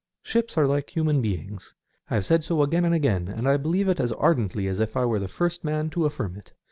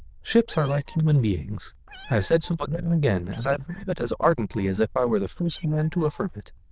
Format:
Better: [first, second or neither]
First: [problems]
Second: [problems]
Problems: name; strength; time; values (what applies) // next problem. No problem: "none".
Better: first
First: none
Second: noise reduction (neural diffusion model UNIVERSE++)